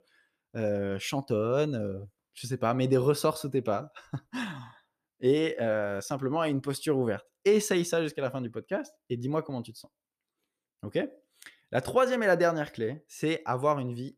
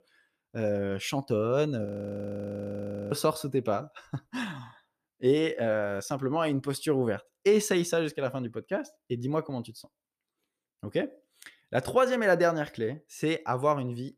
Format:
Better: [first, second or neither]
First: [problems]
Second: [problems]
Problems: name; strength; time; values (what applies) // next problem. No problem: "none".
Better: first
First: none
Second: audio freezing; at 2 s for 1.5 s